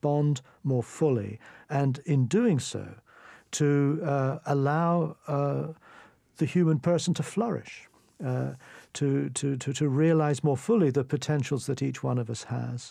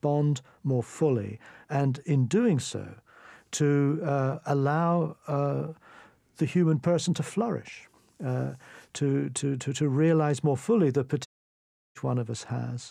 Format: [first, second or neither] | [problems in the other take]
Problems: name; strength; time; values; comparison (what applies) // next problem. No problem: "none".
first | audio cutting out; at 11 s for 0.5 s